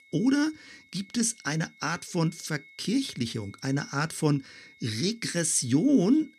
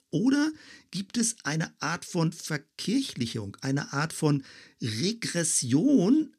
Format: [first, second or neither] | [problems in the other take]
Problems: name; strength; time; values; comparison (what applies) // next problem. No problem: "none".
second | high-pitched whine; faint; throughout; 2 kHz, 25 dB below the speech